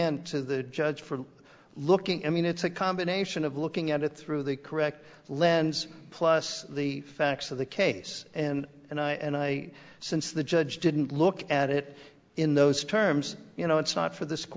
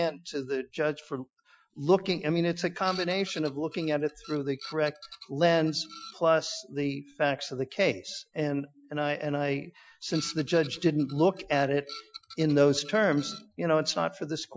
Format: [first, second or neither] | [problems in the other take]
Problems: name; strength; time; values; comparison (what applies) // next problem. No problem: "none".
first | noise reduction (classical method Wiener filter)